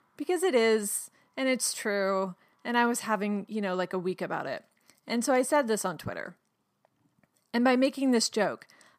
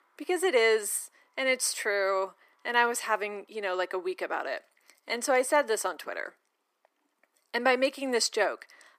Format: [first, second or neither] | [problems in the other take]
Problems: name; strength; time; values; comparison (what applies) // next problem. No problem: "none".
first | thin; somewhat; fading below 300 Hz